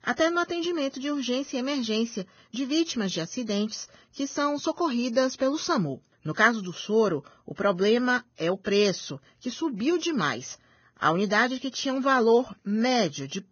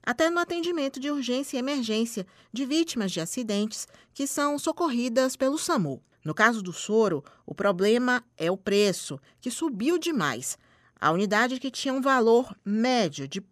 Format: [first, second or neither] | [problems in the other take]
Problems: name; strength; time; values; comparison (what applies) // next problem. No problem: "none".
second | garbled, watery; badly; nothing above 6.5 kHz